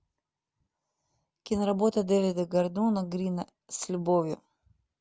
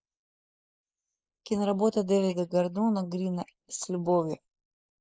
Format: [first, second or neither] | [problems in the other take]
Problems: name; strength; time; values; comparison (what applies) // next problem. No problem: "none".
first | noise reduction (neural mask model Resemble Enhance denoiser)